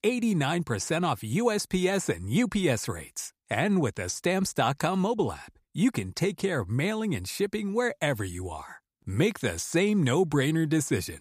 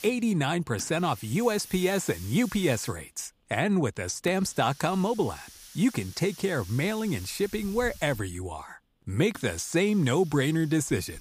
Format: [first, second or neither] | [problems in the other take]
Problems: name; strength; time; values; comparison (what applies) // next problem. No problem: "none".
first | hiss; noticeable; throughout; 20 dB below the speech